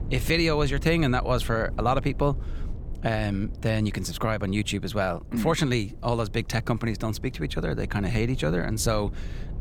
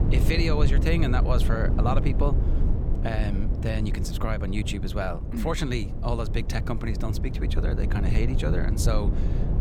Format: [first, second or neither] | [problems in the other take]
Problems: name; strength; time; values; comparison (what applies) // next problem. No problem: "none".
first | low rumble; loud; throughout; 7 dB below the speech; faint in the first